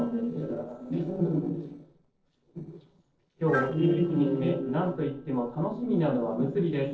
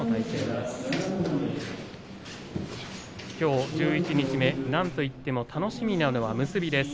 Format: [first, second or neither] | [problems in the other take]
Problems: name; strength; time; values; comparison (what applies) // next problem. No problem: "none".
second | noise reduction (neural separator model SepFormer DNS4)